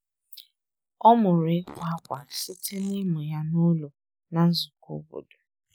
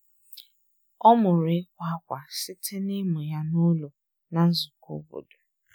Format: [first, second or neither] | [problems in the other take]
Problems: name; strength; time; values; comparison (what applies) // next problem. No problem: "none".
second | noise reduction (neural mask model Resemble Enhance denoiser)